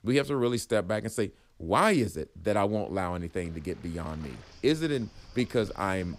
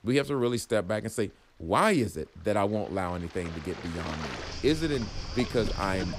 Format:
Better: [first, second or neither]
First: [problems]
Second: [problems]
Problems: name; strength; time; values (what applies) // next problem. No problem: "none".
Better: first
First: rain or running water; faint; throughout; 25 dB below the speech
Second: rain or running water; loud; throughout; 9 dB below the speech